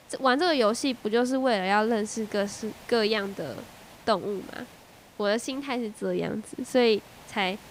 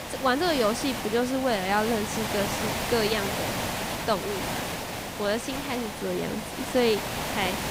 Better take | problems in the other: first | hiss; loud; throughout; 3 dB below the speech; faint in the first

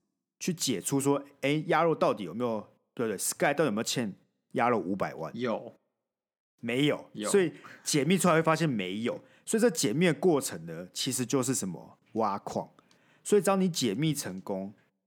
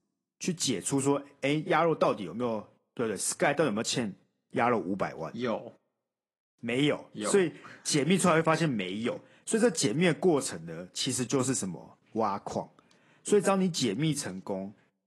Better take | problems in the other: first | garbled, watery; slightly

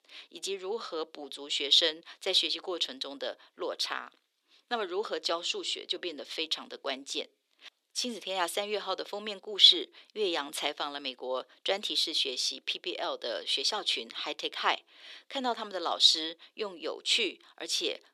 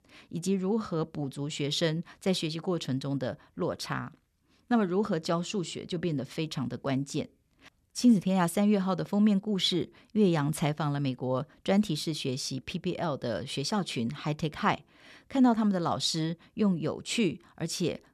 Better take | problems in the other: second | thin; very; fading below 350 Hz

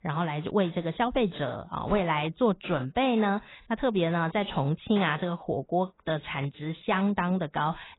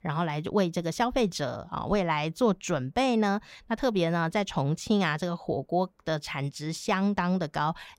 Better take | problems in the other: second | garbled, watery; badly; nothing above 4 kHz

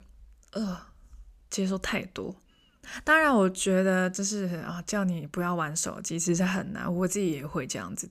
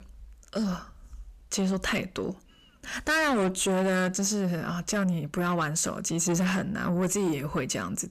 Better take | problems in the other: first | distortion; heavy; 7 dB below the speech

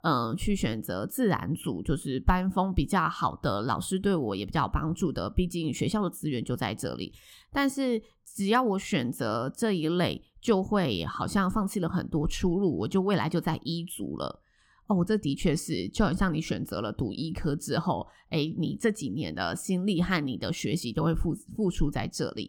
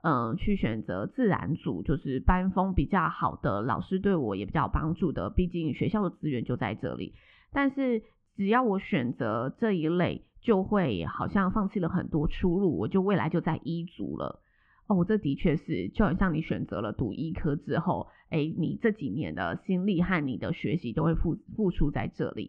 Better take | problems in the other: first | muffled; very; fading above 2.5 kHz

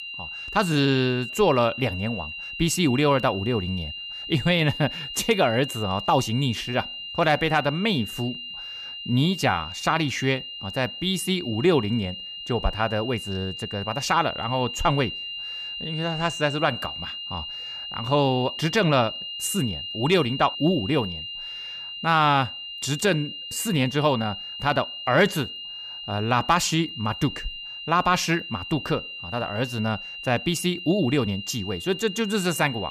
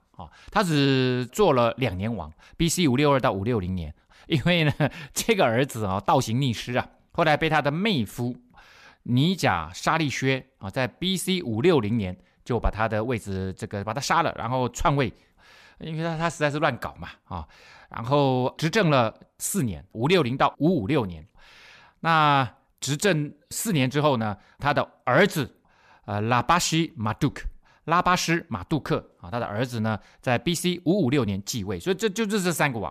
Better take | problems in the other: second | high-pitched whine; loud; throughout; 3 kHz, 8 dB below the speech

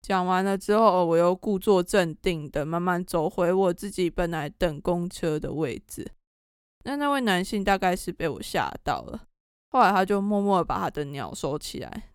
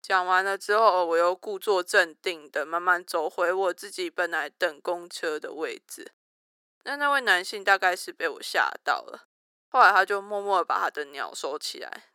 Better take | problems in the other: first | thin; very; fading below 400 Hz

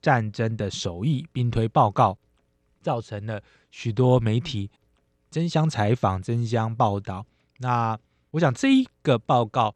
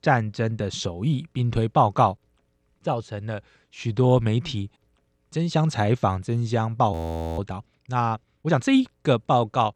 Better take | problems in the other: first | audio freezing; at 7 s

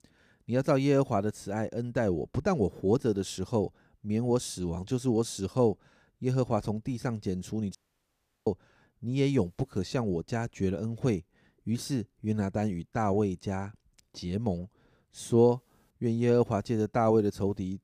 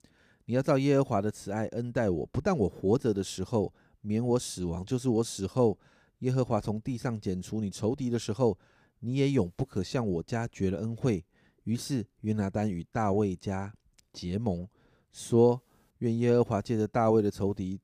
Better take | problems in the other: second | audio cutting out; at 8 s for 0.5 s

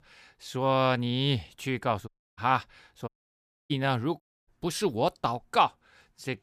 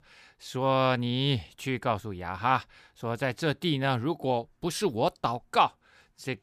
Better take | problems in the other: second | audio cutting out; at 2 s, at 3 s for 0.5 s and at 4 s

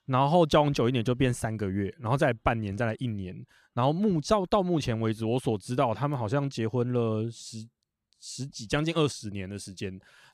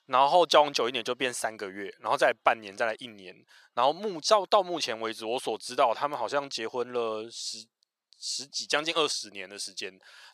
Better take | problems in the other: first | thin; very; fading below 650 Hz

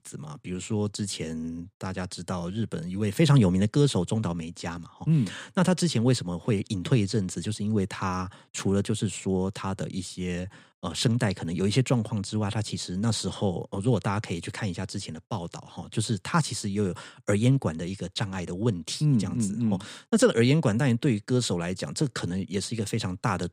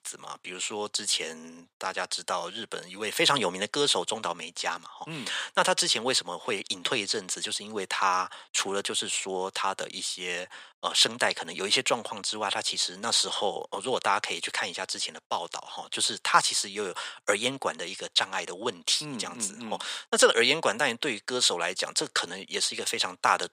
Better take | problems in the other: first | thin; very; fading below 750 Hz

